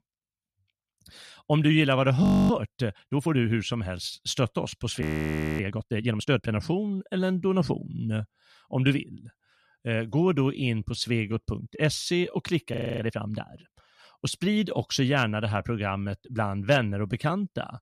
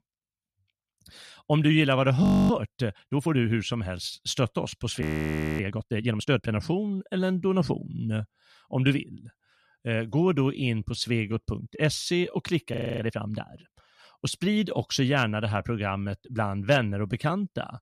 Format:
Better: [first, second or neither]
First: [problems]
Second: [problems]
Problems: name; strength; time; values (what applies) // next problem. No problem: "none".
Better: neither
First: audio freezing; at 2 s, at 5 s for 0.5 s and at 13 s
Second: audio freezing; at 2 s, at 5 s for 0.5 s and at 13 s